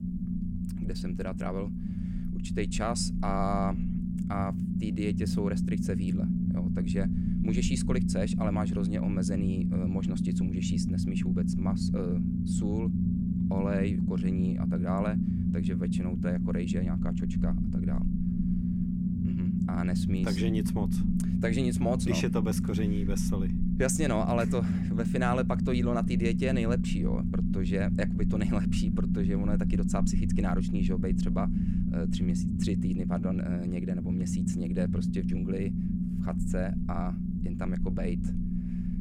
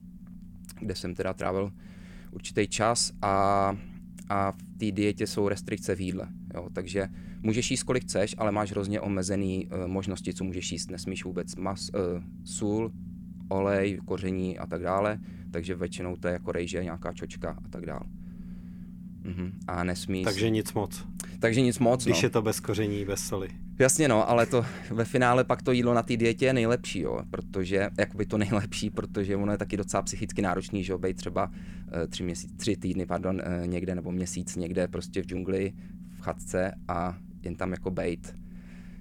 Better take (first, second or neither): second